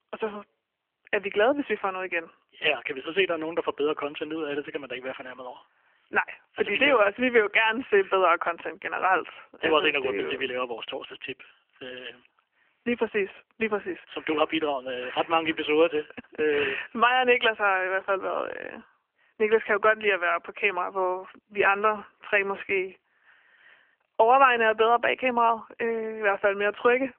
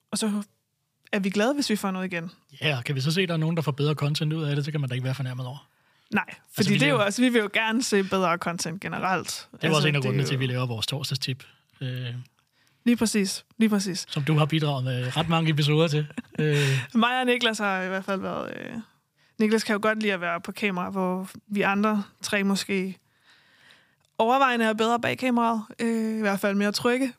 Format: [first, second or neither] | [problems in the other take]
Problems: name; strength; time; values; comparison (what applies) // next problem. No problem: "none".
second | phone-call audio; nothing above 3 kHz